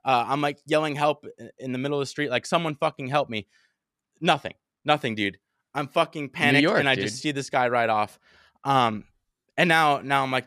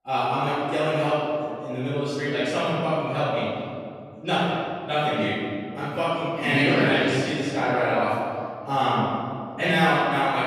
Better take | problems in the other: first | room echo; strong; dies away in 2.2 s // off-mic speech; far

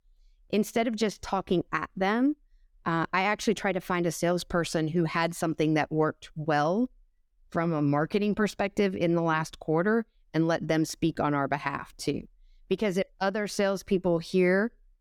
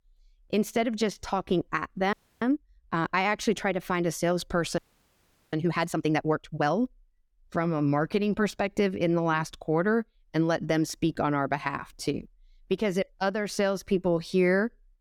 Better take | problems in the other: first | audio freezing; at 2 s and at 5 s for 1 s

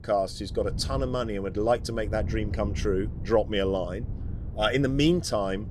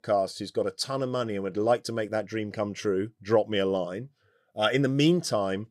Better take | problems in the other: second | wind noise on the microphone; occasional gusts; 20 dB below the speech

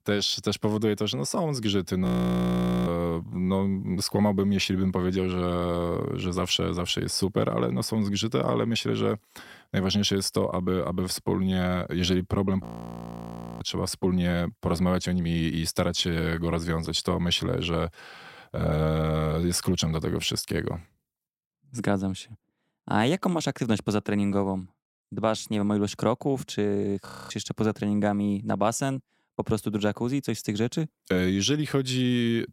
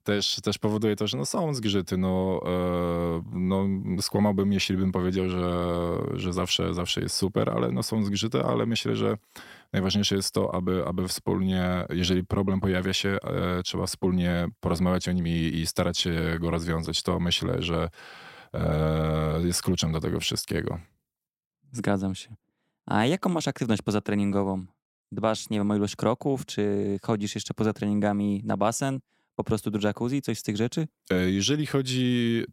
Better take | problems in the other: second | audio freezing; at 2 s for 1 s, at 13 s for 1 s and at 27 s

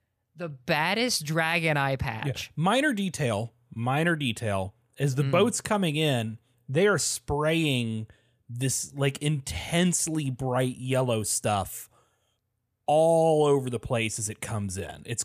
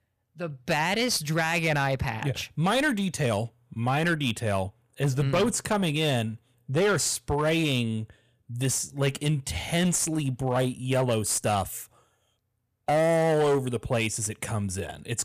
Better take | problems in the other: first | distortion; slight; 9% of the sound clipped

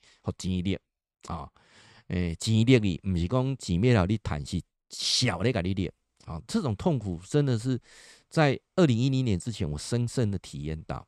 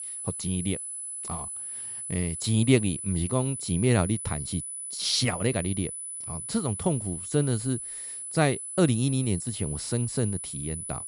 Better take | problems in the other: first | high-pitched whine; loud; throughout; 10 kHz, 6 dB below the speech

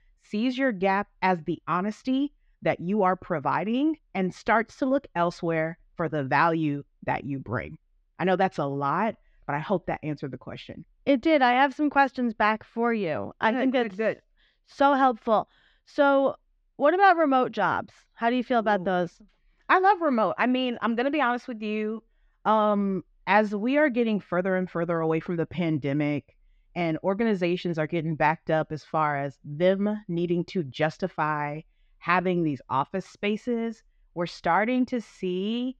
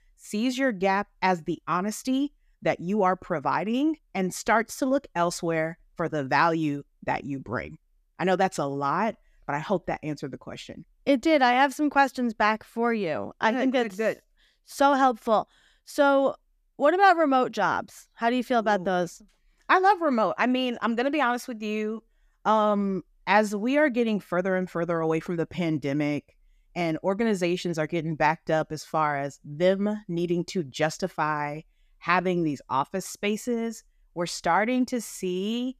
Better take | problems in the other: second | muffled; slightly; fading above 4 kHz

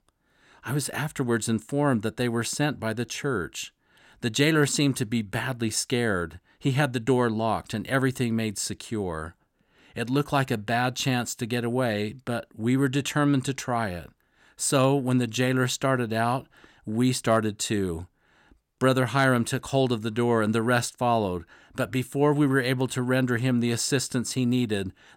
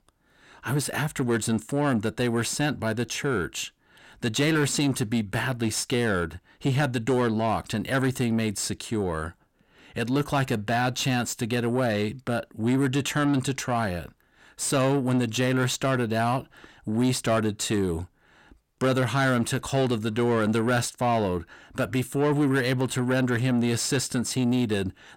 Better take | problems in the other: first | distortion; slight; 10 dB below the speech

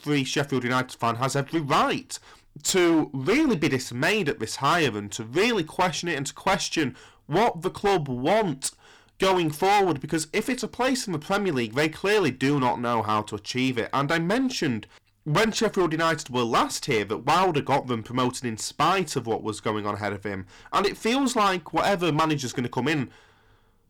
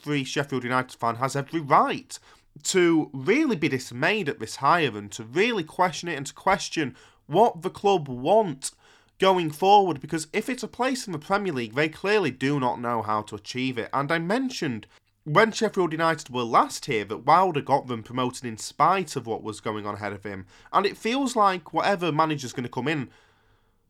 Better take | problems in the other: second | distortion; heavy; 11% of the sound clipped

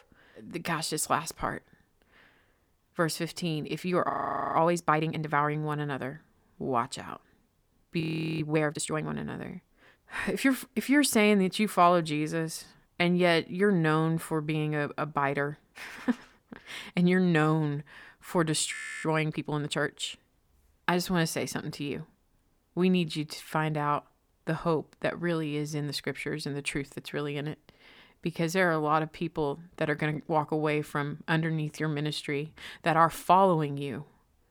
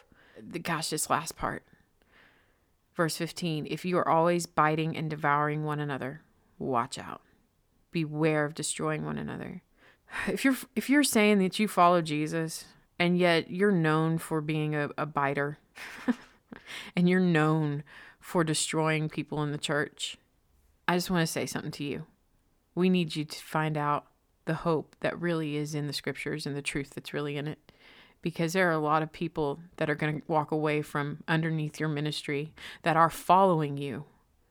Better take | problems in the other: second | audio freezing; at 4 s, at 8 s and at 19 s

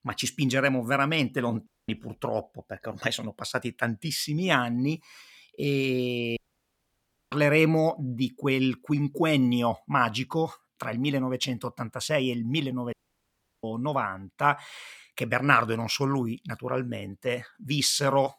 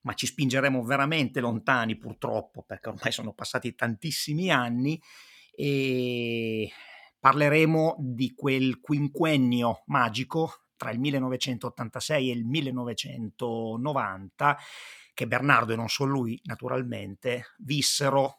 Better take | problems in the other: second | audio cutting out; at 1.5 s, at 6.5 s for 1 s and at 13 s for 0.5 s

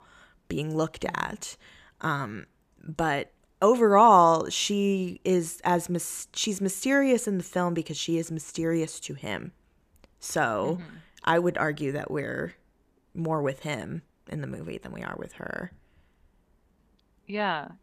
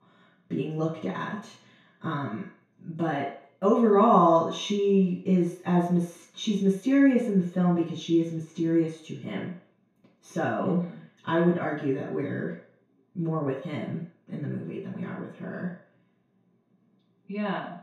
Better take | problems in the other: first | room echo; noticeable; dies away in 0.5 s // off-mic speech; far

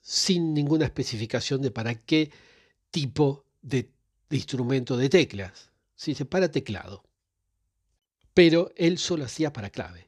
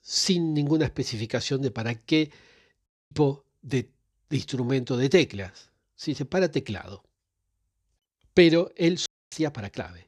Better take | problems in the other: first | audio cutting out; at 3 s and at 9 s

